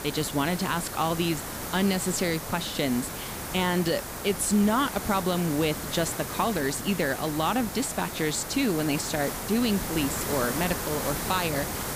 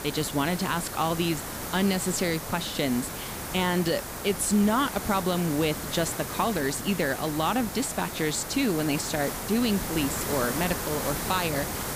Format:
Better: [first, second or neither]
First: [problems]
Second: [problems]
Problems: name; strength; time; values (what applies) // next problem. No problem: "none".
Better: neither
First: hiss; loud; throughout; 6 dB below the speech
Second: hiss; loud; throughout; 6 dB below the speech